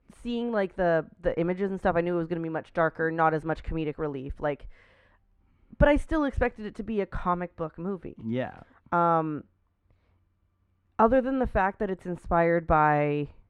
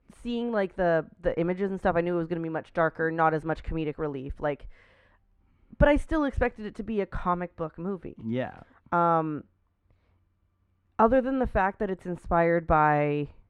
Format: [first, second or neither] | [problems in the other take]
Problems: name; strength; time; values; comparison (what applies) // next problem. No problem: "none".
neither | muffled; very; fading above 3 kHz; the same in both